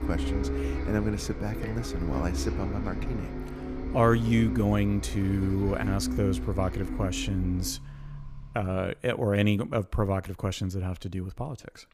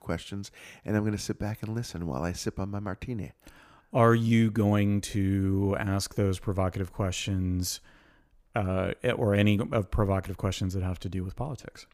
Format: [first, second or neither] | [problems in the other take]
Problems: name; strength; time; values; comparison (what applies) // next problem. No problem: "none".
second | traffic noise; loud; until 8.5 s; 5 dB below the speech